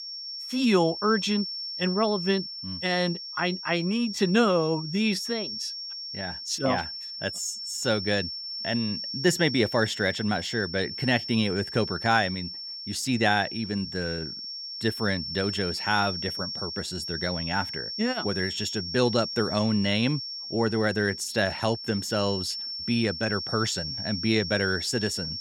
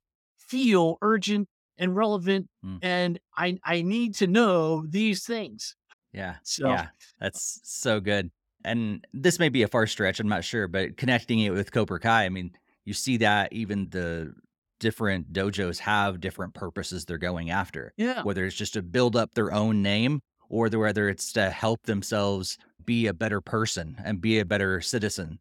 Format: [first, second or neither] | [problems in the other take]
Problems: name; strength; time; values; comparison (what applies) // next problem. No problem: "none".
second | high-pitched whine; loud; throughout; 5.5 kHz, 6 dB below the speech